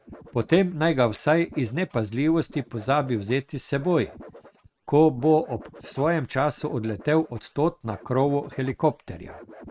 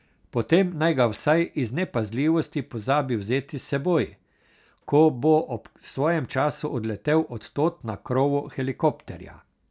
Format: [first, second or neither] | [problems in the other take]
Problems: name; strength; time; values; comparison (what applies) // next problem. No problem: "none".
second | noise reduction (neural mask model RNNoise)